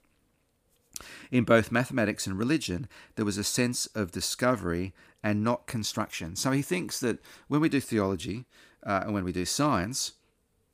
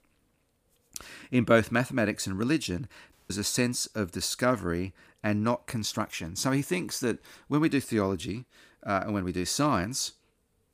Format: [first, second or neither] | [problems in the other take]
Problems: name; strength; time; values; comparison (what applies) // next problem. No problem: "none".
first | audio cutting out; at 3 s